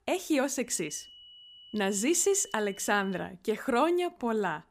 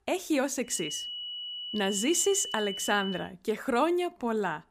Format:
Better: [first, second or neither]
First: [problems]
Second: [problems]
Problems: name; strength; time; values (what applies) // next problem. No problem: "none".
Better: first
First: high-pitched whine; faint; from 1 to 3 s; 3 kHz, 20 dB below the speech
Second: high-pitched whine; loud; from 1 to 3 s; 3 kHz, 7 dB below the speech